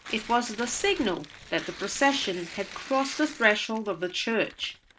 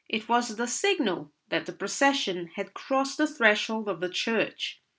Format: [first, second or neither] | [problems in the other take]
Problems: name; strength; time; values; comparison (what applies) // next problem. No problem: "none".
second | background sound (Tearing); 15 dB below the speech